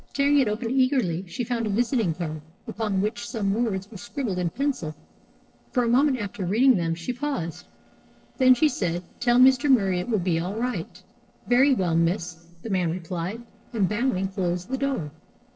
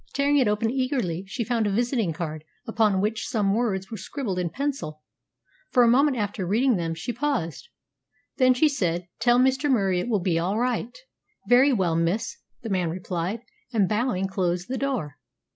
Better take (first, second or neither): second